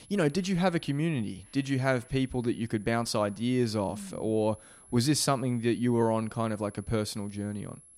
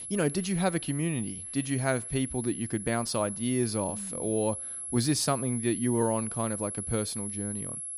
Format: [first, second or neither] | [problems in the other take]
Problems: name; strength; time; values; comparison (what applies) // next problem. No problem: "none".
first | high-pitched whine; loud; throughout; 11 kHz, 5 dB below the speech; faint in the first